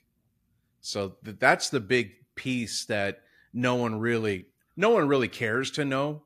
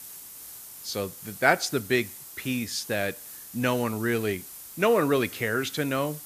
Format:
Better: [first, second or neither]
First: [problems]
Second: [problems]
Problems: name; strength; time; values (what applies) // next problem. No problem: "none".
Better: first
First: none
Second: hiss; noticeable; throughout; 15 dB below the speech